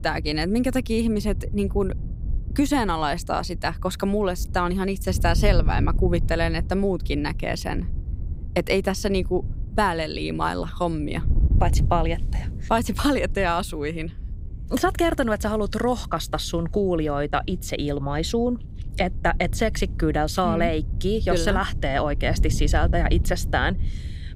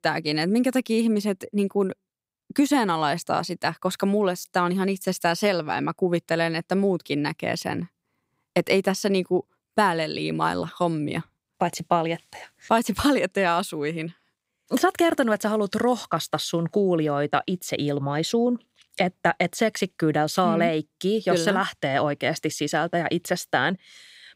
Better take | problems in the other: second | wind noise on the microphone; occasional gusts; 20 dB below the speech

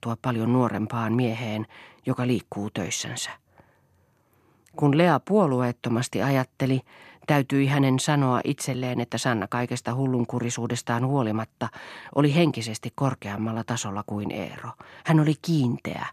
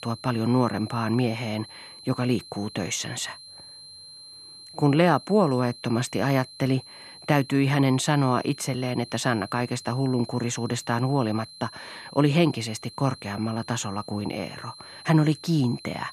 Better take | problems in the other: first | high-pitched whine; noticeable; throughout; 4 kHz, 15 dB below the speech

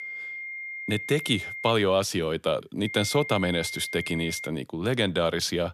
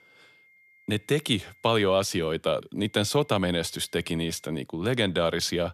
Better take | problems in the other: second | high-pitched whine; loud; until 1.5 s and from 3 to 4.5 s; 2 kHz, 8 dB below the speech; faint in the second

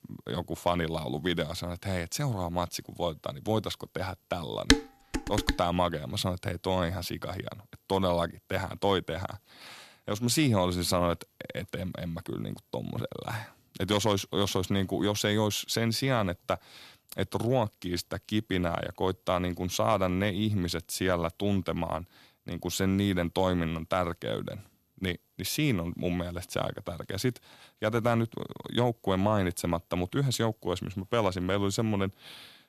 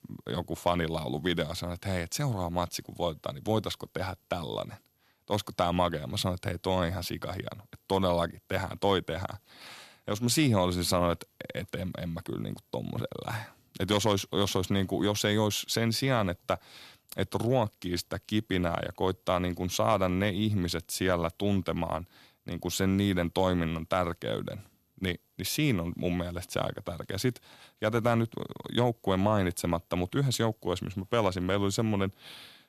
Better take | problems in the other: second | clattering dishes; loud; at 4.5 s; peak 5 dB above the speech

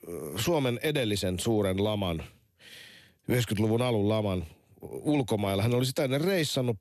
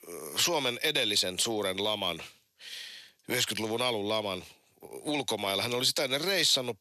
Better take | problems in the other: first | thin; somewhat; fading below 750 Hz

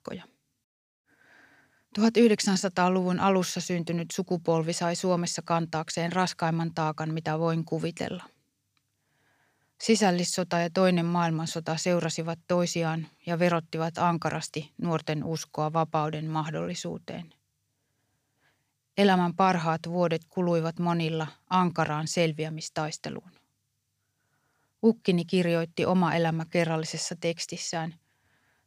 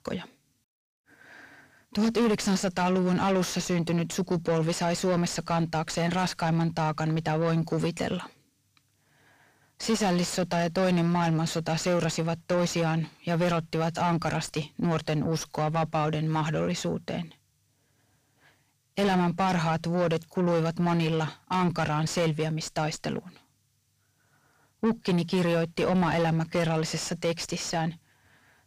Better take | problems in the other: first | distortion; heavy; 7 dB below the speech

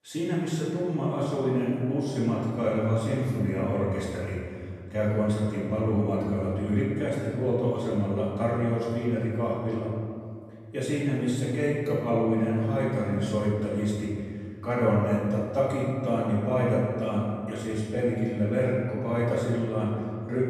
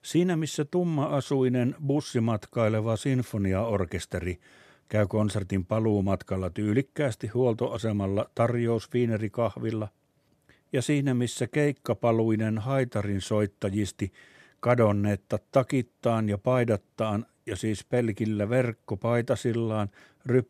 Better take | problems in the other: second | room echo; strong; dies away in 2 s // off-mic speech; far

